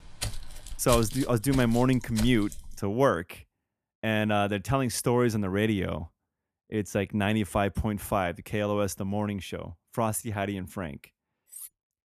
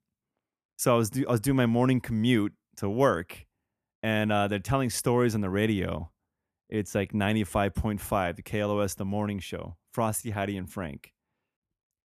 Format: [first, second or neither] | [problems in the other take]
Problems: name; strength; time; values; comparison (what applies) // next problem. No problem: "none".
second | footsteps; noticeable; until 3 s; peak 5 dB below the speech // clattering dishes; faint; at 11 s; peak 15 dB below the speech